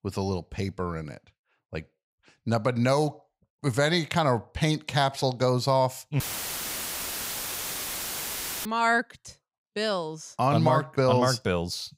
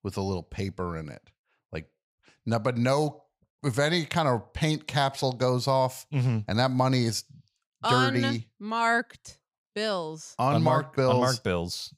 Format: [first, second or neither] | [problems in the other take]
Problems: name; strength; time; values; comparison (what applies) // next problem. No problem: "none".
second | audio cutting out; filled with static; at 6 s for 2.5 s